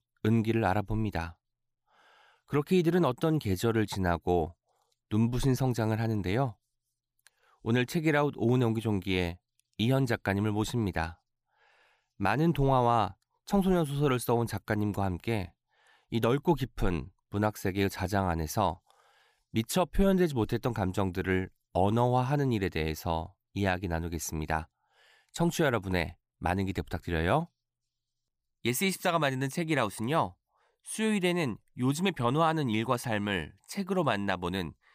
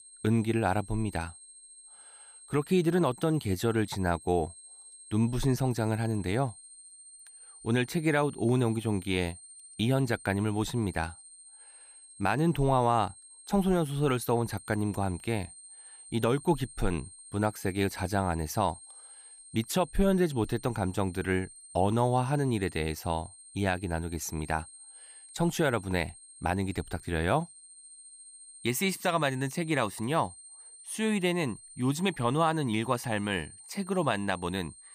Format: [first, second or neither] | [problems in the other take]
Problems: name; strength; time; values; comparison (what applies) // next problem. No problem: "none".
first | high-pitched whine; noticeable; throughout; 8.5 kHz, 20 dB below the speech